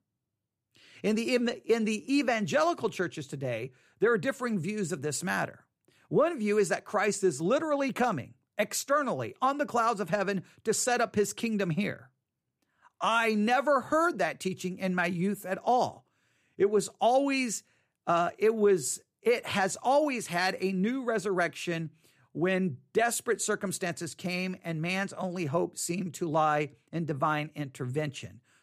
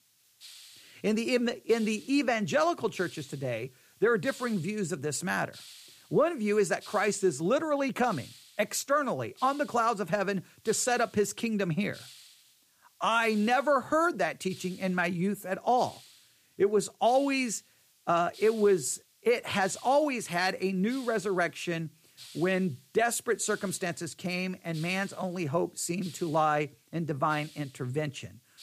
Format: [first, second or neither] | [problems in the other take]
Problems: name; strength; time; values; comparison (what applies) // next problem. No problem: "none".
first | hiss; faint; throughout; 20 dB below the speech